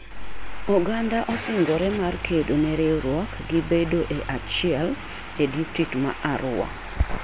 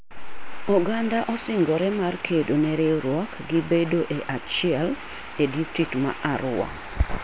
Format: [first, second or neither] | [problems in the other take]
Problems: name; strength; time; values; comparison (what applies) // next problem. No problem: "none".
second | background sound (Engine starting / Car); 13 dB below the speech